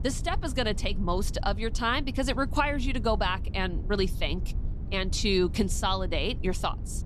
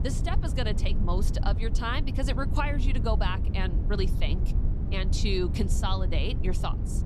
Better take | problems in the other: first | low rumble; loud; throughout; 10 dB below the speech; faint in the first

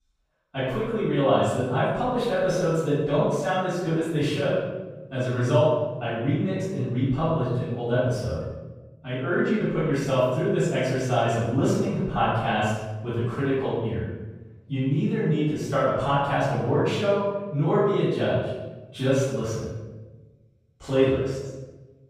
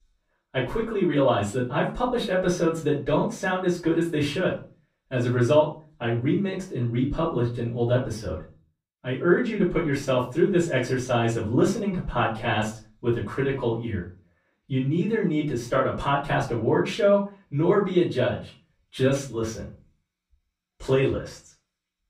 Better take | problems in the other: second | room echo; strong; dies away in 1.1 s; slight in the second // off-mic speech; far; far in the second

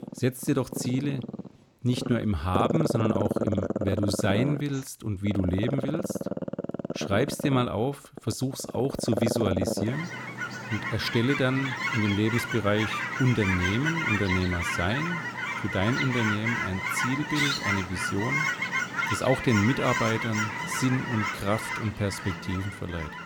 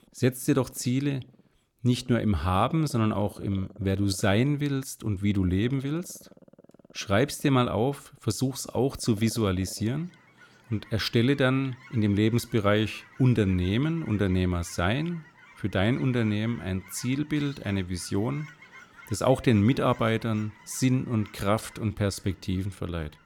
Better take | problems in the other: second | animal sounds; loud; throughout; 2 dB below the speech; faint in the second

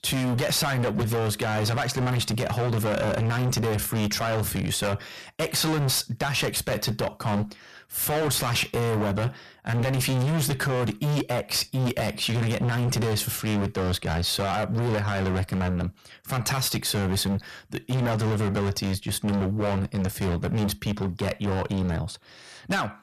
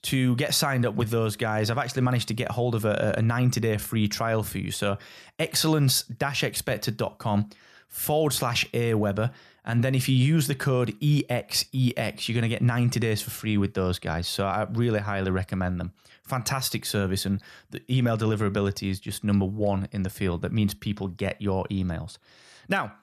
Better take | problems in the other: second | distortion; heavy; 28% of the sound clipped

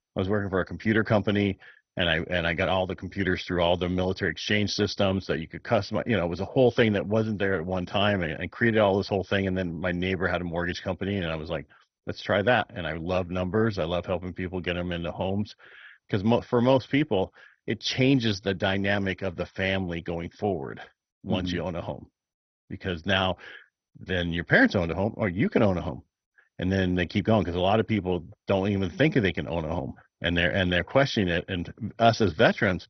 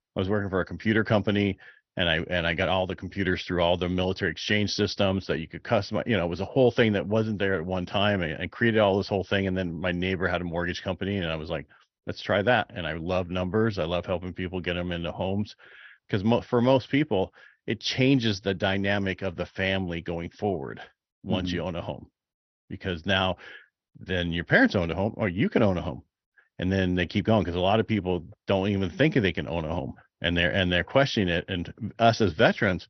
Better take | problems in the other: second | garbled, watery; badly; nothing above 6 kHz; slightly in the second

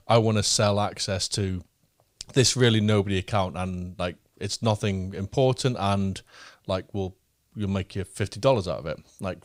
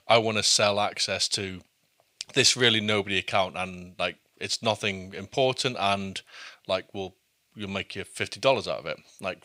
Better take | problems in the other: first | thin; somewhat; fading below 350 Hz

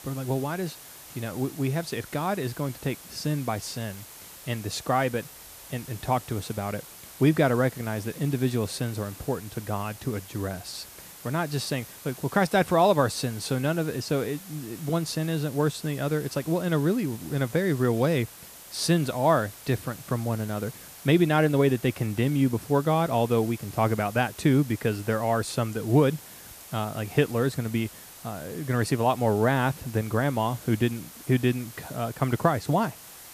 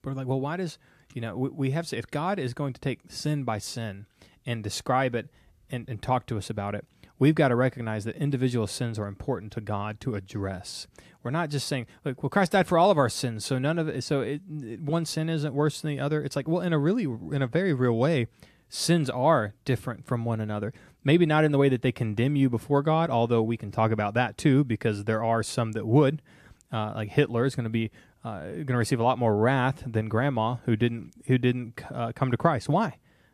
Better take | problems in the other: second | hiss; noticeable; throughout; 15 dB below the speech

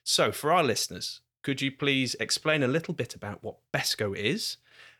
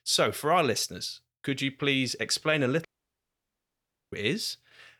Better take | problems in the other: first | audio cutting out; at 3 s for 1.5 s

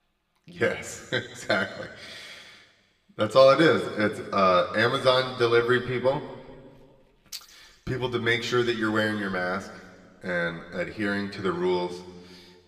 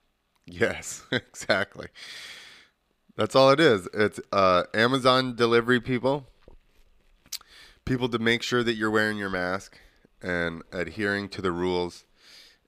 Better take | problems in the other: second | room echo; slight; dies away in 1.4 s

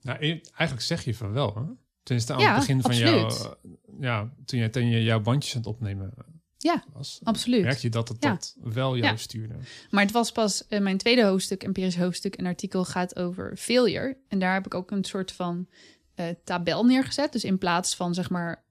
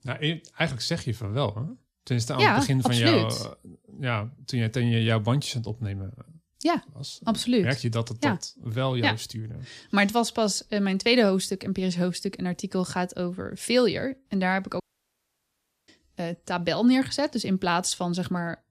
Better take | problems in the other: first | audio cutting out; at 15 s for 1 s

